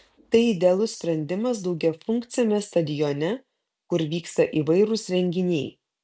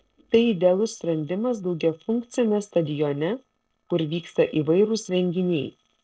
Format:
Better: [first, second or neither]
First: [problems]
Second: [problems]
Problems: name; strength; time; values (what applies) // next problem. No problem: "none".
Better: first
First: none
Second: noise reduction (neural separator model SepFormer DNS4)